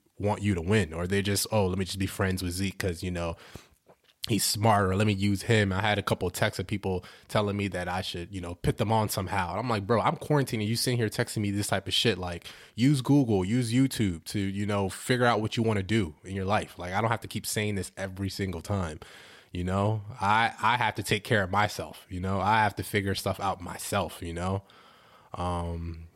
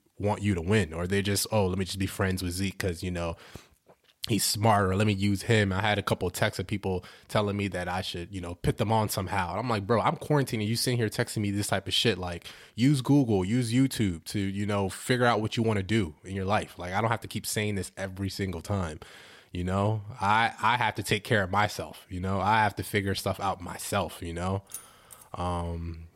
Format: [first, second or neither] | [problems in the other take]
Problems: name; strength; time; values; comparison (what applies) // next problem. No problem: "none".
first | jangling keys; faint; at 25 s; peak 15 dB below the speech